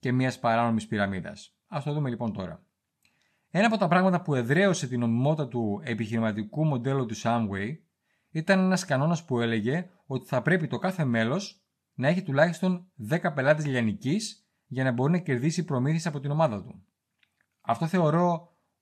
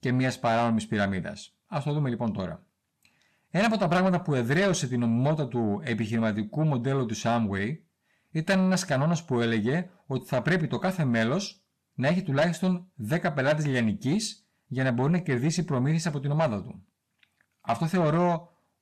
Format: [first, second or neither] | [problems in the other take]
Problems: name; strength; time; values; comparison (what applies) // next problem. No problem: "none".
first | distortion; slight; 10 dB below the speech